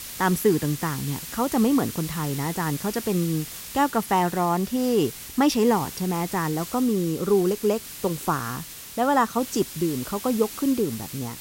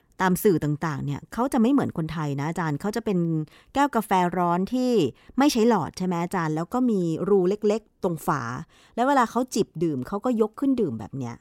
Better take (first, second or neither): second